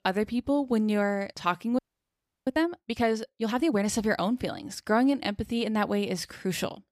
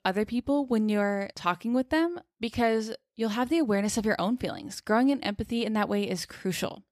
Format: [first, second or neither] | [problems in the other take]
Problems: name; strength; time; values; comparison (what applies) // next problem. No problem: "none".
second | audio freezing; at 2 s for 0.5 s